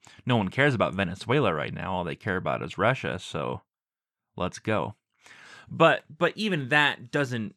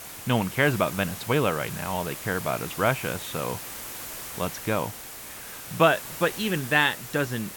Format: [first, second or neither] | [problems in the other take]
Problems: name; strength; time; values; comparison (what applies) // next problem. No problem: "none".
first | hiss; loud; throughout; 10 dB below the speech